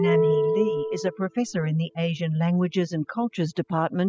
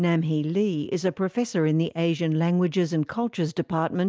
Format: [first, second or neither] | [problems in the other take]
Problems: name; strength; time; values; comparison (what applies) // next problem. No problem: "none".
second | noise reduction (classical method spectral subtraction)